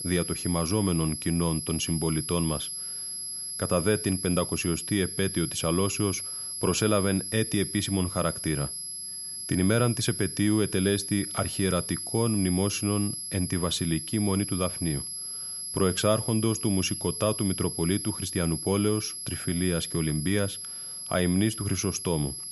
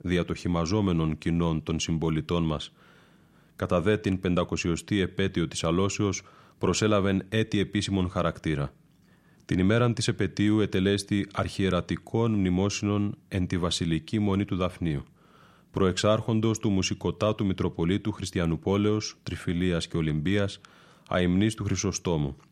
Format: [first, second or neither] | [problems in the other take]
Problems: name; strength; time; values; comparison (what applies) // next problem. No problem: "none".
second | high-pitched whine; loud; throughout; 11 kHz, 5 dB below the speech